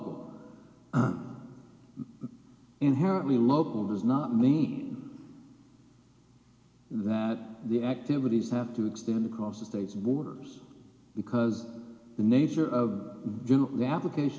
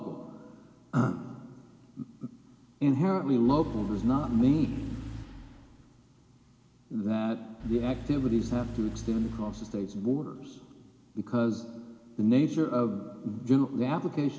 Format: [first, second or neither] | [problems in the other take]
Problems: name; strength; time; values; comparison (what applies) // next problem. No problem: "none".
first | background sound (Engine / Car); 12 dB below the speech